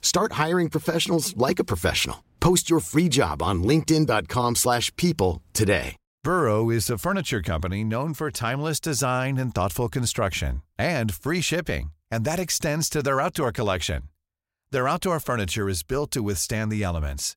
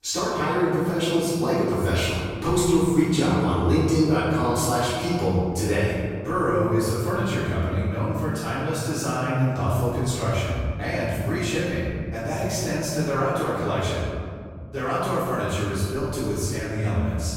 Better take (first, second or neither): first